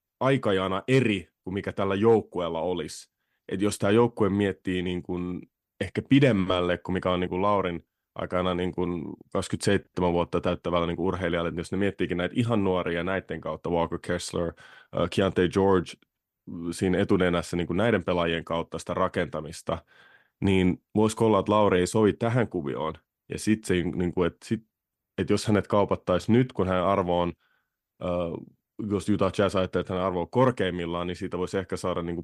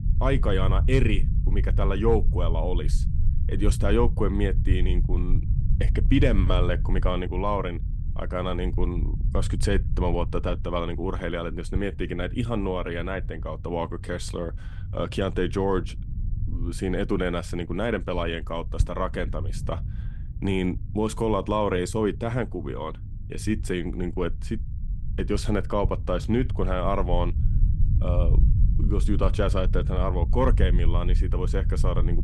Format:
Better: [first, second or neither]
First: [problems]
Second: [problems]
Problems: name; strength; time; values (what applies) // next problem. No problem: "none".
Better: first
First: none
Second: low rumble; noticeable; throughout; 15 dB below the speech